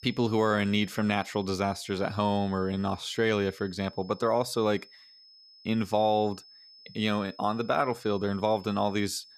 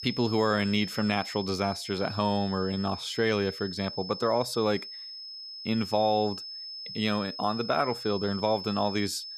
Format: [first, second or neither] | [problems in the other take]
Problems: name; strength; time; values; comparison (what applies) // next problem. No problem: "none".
first | high-pitched whine; loud; throughout; 5 kHz, 9 dB below the speech; faint in the first